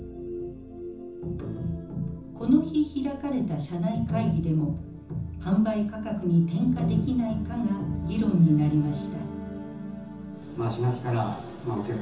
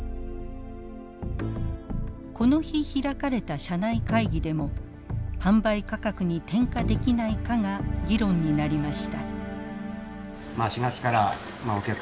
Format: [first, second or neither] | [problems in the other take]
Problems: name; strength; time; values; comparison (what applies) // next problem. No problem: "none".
second | room echo; dies away in 0.6 s